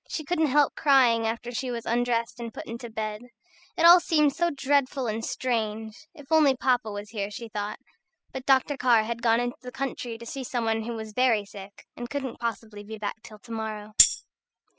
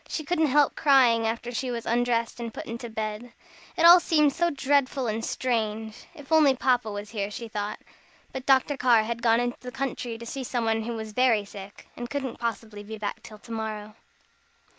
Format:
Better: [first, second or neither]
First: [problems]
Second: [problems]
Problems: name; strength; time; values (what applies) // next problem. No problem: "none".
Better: second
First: noise reduction (classical method spectral subtraction)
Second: none